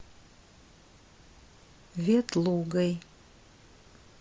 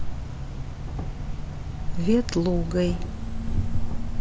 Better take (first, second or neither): first